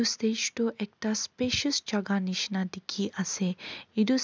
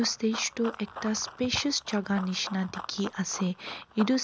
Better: first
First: none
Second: background sound (Run); 13 dB below the speech

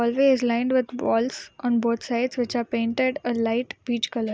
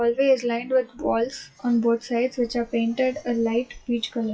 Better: first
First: none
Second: noise reduction (classical method WPE with log-MMSE)

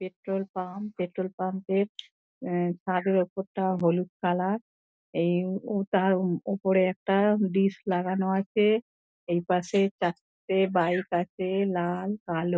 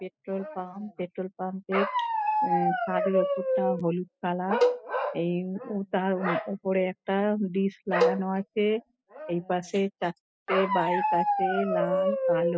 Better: first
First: none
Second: noise reduction (classical method spectral subtraction)

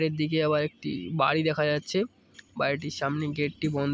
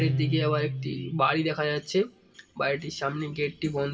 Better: first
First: none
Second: background sound (Guitar); 6 dB below the speech // room echo; dies away in 0.2 s

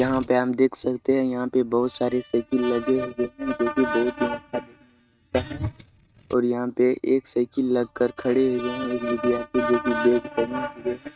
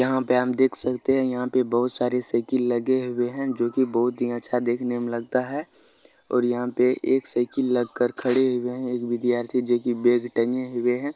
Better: second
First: noise reduction (neural mask model RNNoise)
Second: none

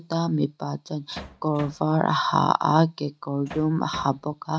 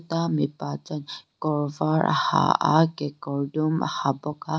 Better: second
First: noise reduction (neural mask model RNNoise)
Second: none

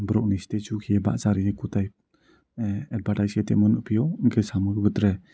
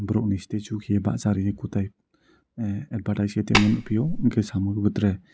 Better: first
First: none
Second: background sound (Tap); 1 dB below the speech

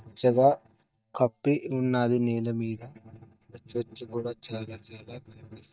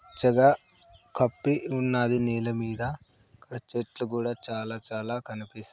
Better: second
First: noise reduction (neural mask model DeepFilterNet 3)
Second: none

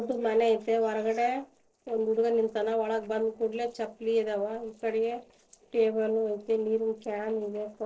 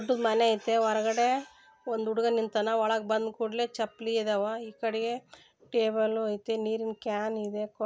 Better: second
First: noise reduction (neural separator model SepFormer DNS4)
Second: none

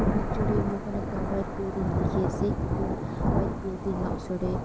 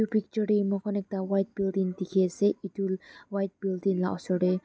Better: second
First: background sound (Thunder / Rain); 4 dB above the speech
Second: none

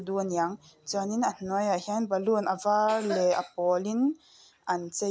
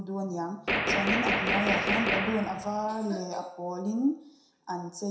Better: first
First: none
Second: background sound (Gunshot, gunfire); 3 dB above the speech // room echo; dies away in 0.7 s

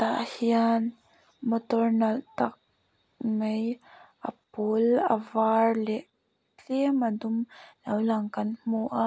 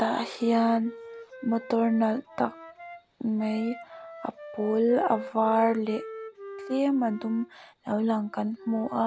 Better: first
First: none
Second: background sound (Wind instrument, woodwind instrument); 16 dB below the speech

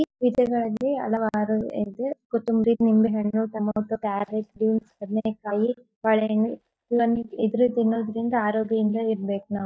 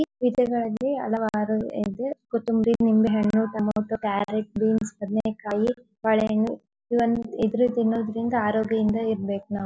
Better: second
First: noise reduction (neural mask model DeepFilterNet 3)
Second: none

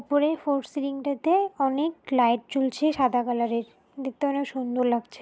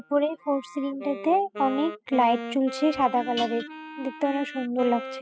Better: first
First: none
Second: noise reduction (classical method spectral subtraction)

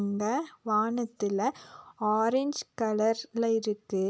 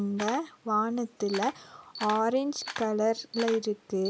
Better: first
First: none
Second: background sound (Camera); 13 dB below the speech

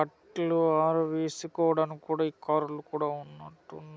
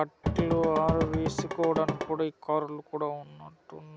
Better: first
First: none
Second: background sound (Drum / Drum kit); 1 dB below the speech

